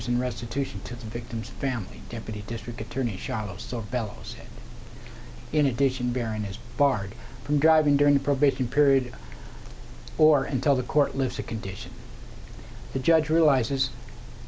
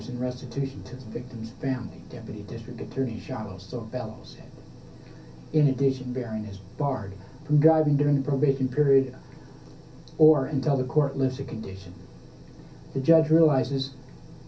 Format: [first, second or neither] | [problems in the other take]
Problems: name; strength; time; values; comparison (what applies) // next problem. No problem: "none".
first | room echo; dies away in 0.3 s